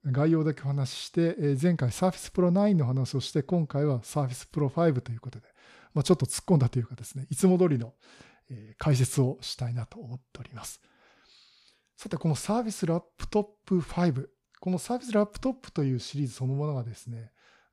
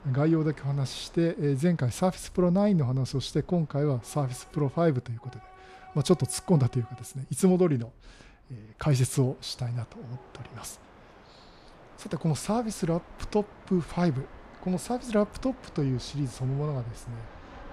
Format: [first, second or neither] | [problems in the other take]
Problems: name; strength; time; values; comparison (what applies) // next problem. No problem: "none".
first | train or aircraft noise; faint; throughout; 25 dB below the speech